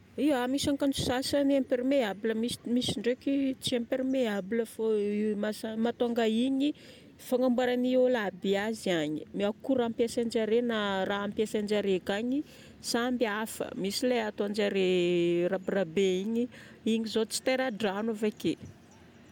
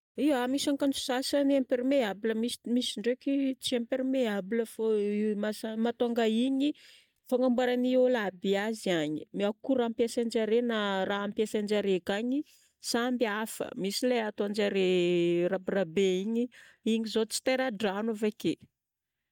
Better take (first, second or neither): first